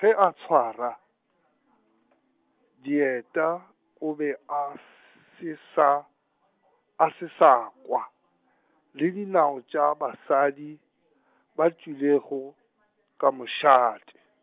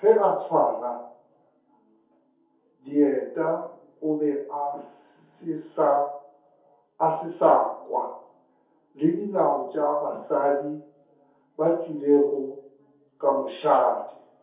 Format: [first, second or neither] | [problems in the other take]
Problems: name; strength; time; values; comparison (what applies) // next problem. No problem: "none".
first | room echo; dies away in 0.6 s